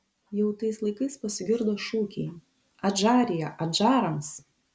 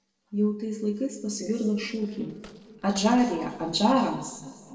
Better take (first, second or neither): first